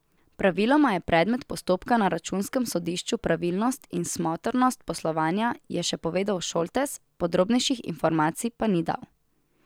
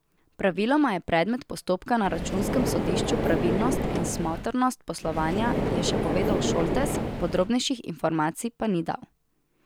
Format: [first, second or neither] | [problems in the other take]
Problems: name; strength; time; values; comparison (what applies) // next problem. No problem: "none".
first | background sound (Car); as loud as the speech